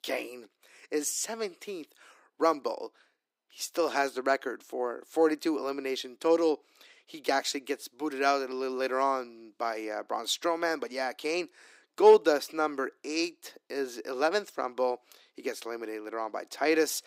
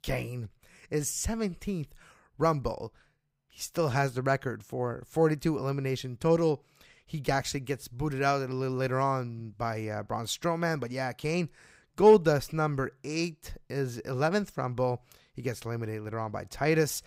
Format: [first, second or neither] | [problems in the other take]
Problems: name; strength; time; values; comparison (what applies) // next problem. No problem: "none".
second | thin; somewhat; fading below 300 Hz